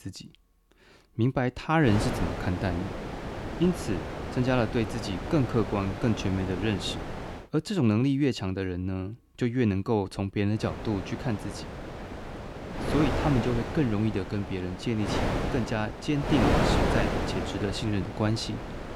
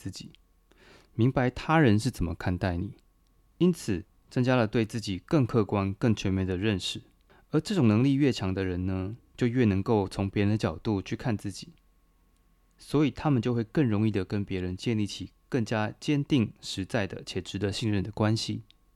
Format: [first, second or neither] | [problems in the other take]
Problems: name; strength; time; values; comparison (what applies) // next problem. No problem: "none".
second | wind noise on the microphone; heavy; from 2 to 7.5 s and from 11 s on; 2 dB below the speech